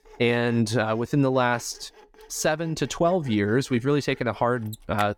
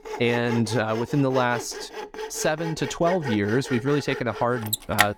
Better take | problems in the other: first | machinery noise; loud; throughout; 8 dB below the speech; faint in the first

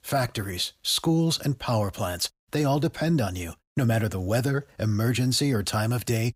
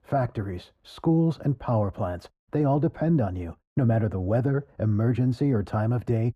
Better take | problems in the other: first | muffled; very; fading above 2.5 kHz

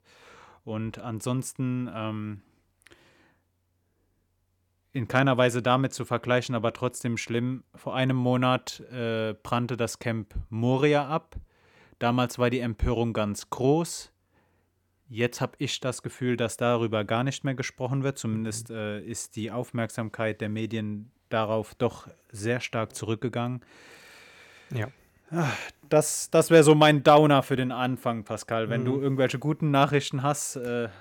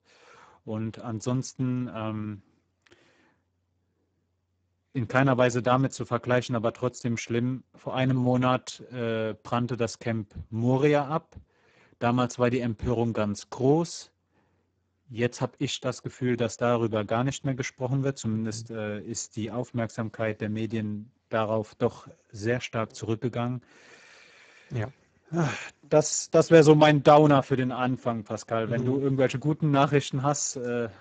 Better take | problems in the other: first | garbled, watery; badly; nothing above 7.5 kHz

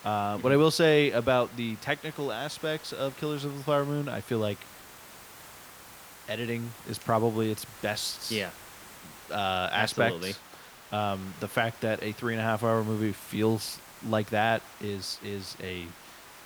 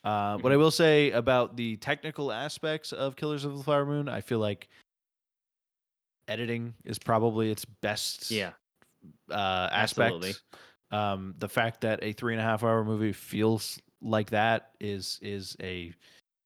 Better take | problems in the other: second | hiss; noticeable; throughout; 20 dB below the speech

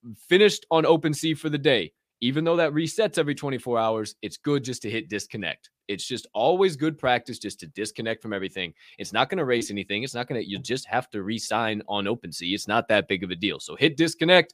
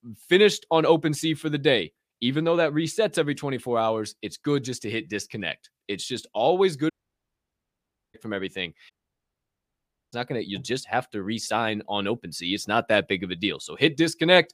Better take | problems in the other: first | audio cutting out; at 7 s for 1 s and at 9 s for 1 s

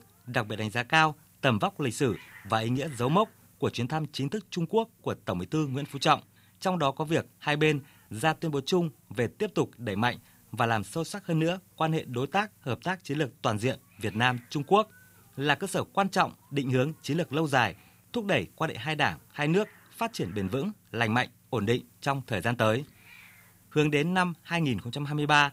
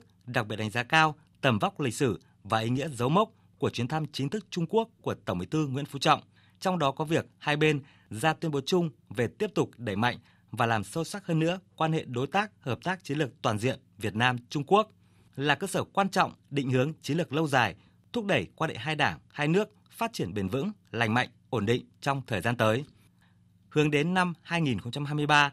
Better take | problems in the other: second | hiss; faint; throughout; 30 dB below the speech

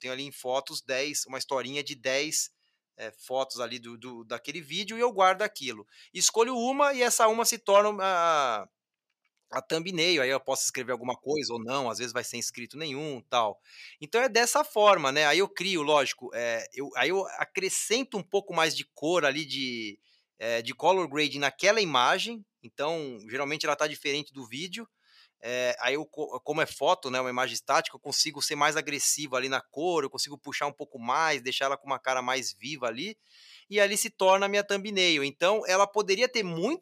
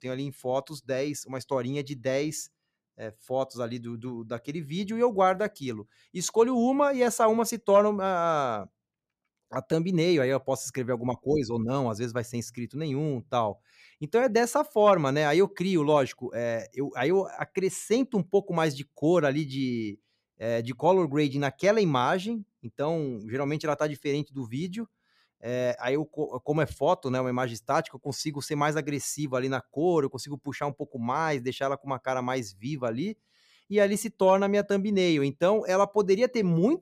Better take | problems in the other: second | thin; somewhat; fading below 1 kHz

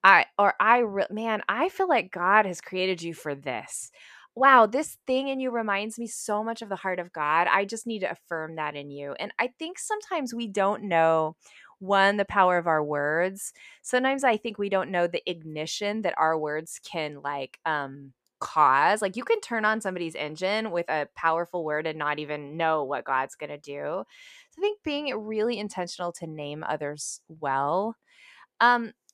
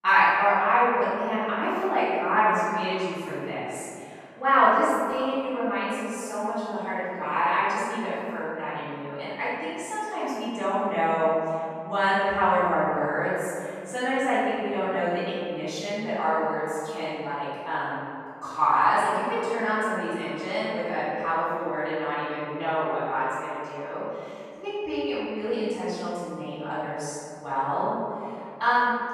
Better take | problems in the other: first | off-mic speech; far // room echo; strong; dies away in 2.3 s

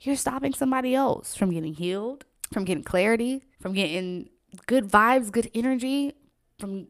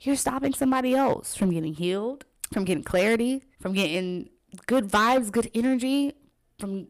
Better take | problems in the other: first | distortion; slight; 3% of the sound clipped

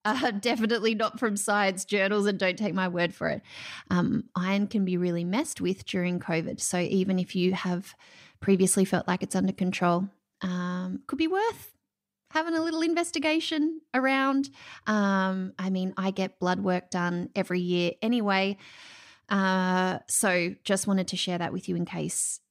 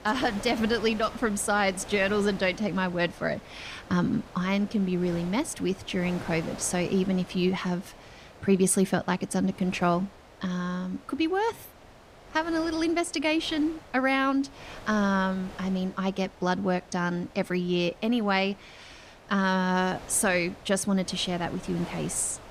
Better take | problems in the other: first | wind noise on the microphone; occasional gusts; 15 dB below the speech

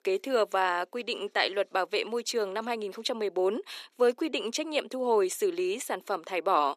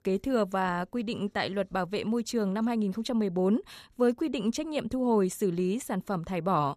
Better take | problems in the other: second | thin; very; fading below 300 Hz

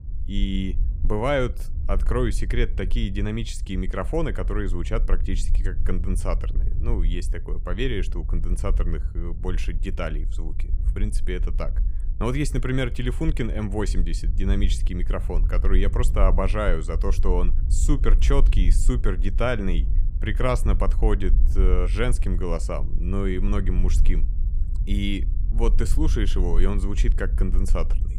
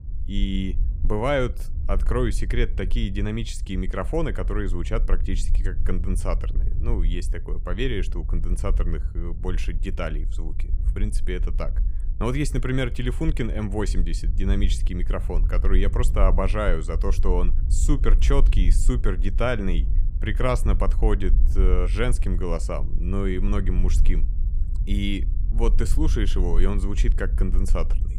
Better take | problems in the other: neither | low rumble; noticeable; throughout; 15 dB below the speech; the same in both

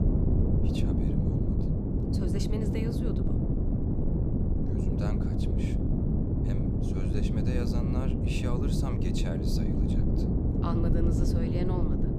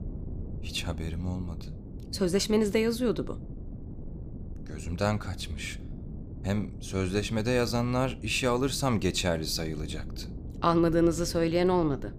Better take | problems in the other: second | wind noise on the microphone; heavy; 4 dB above the speech; occasional gusts in the second

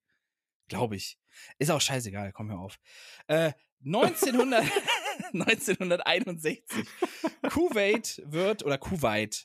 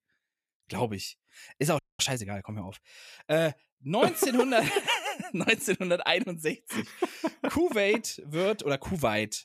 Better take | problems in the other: first | audio freezing; at 2 s

